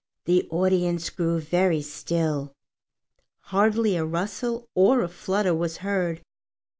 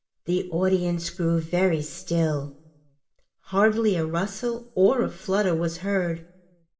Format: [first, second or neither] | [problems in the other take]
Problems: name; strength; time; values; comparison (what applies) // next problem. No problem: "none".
first | room echo; dies away in 0.8 s